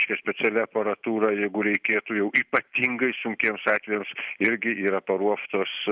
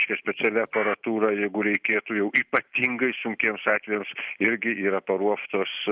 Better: first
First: none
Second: noise reduction (neural mask model Resemble Enhance denoiser)

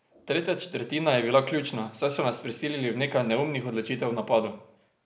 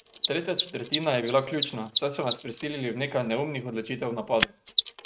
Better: first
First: none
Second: noise reduction (neural mask model RNNoise)

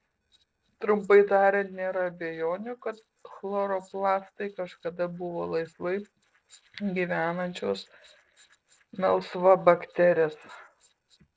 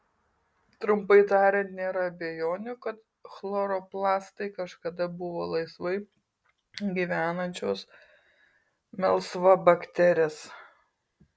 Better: second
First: noise reduction (neural separator model SepFormer DNS4)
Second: none

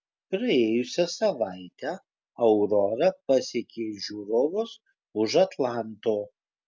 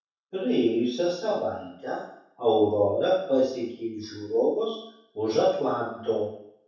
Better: first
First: none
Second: room echo; dies away in 0.7 s

